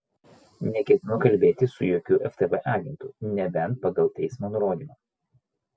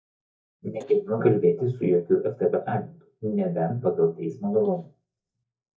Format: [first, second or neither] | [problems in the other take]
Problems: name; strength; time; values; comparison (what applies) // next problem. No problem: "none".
first | noise reduction (neural mask model DeepFilterNet 3)